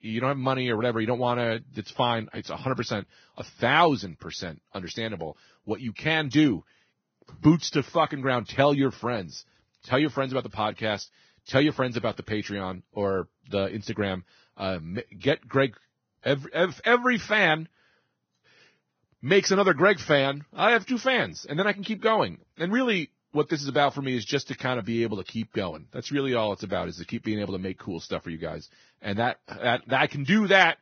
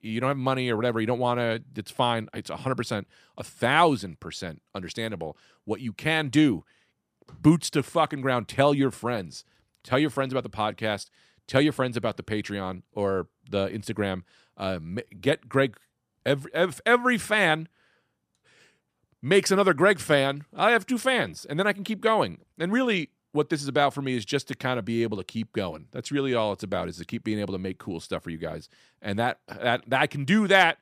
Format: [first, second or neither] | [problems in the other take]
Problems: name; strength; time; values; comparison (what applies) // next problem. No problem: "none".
second | garbled, watery; badly; nothing above 6 kHz